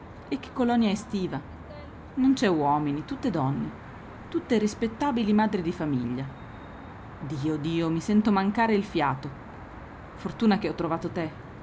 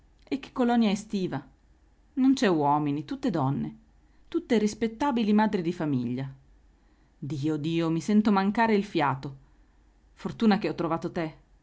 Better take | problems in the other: second | background sound (Traffic noise, roadway noise); 15 dB below the speech

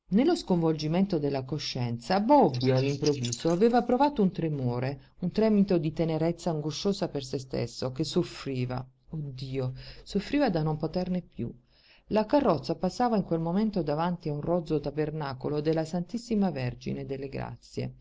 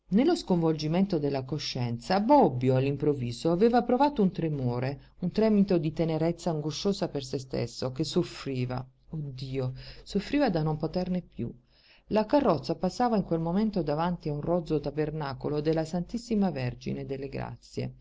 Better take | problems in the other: second | noise reduction (neural mask model Resemble Enhance denoiser)

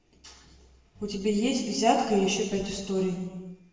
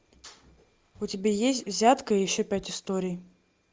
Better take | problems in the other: second | room echo; dies away in 1.2 s

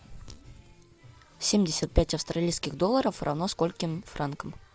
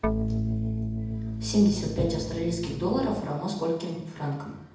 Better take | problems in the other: first | background sound (Organ); 1 dB below the speech // room echo; dies away in 0.8 s

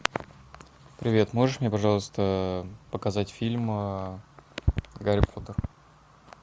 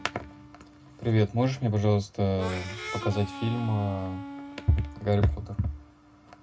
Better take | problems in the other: first | background sound (Harmonica); 14 dB below the speech // room echo; dies away in 0.2 s

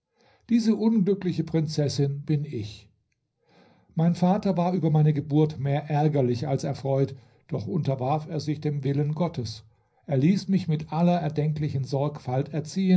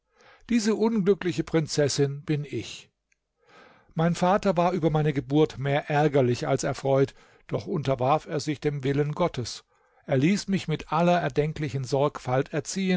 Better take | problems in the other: second | room echo; dies away in 0.5 s

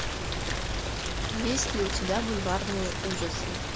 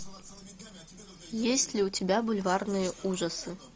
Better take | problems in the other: second | background sound (Rain); 2 dB above the speech

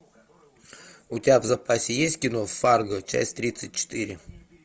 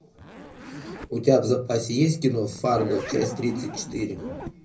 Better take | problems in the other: first | background sound (Zipper (clothing)); 12 dB below the speech // room echo; dies away in 0.4 s

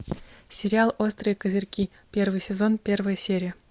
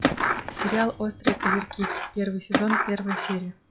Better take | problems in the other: first | noise reduction (classical method log-MMSE)

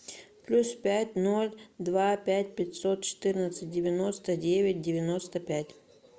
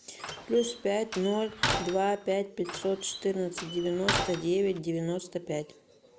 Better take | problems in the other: first | background sound (Slam); 5 dB below the speech

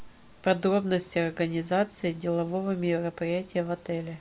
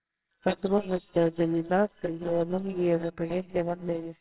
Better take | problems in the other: first | noise reduction (neural separator model SepFormer WHAMR!)

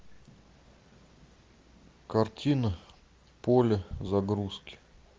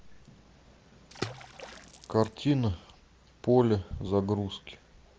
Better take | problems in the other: first | background sound (Water / Splash, splatter); 16 dB below the speech

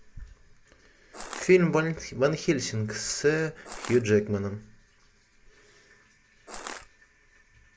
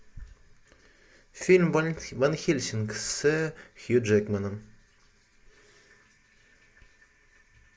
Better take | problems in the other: second | background sound (Crushing); 11 dB below the speech

